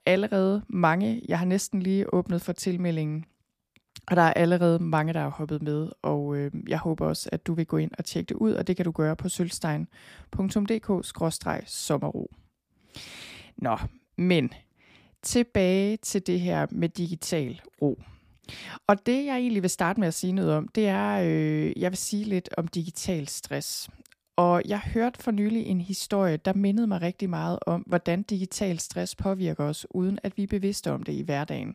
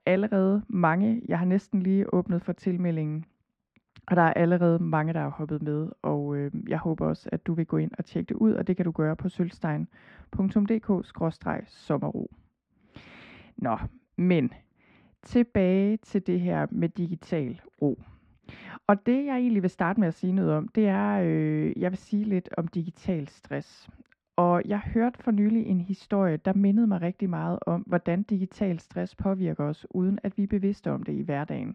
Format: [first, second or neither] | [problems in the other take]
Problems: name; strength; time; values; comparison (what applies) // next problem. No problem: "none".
first | muffled; very; fading above 2 kHz